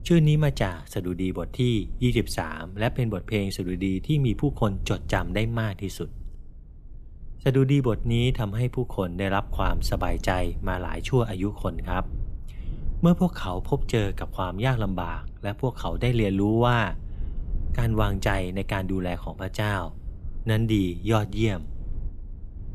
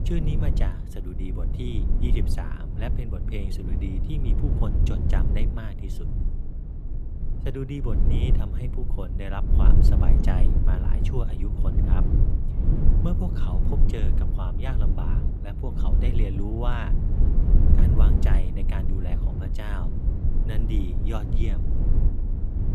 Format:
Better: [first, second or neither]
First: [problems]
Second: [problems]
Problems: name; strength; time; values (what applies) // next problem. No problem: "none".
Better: first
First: low rumble; faint; throughout; 25 dB below the speech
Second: low rumble; loud; throughout; 1 dB below the speech